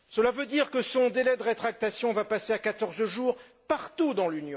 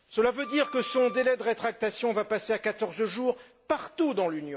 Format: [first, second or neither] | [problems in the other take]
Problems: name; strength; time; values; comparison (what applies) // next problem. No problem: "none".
first | background sound (Wind instrument, woodwind instrument); 15 dB below the speech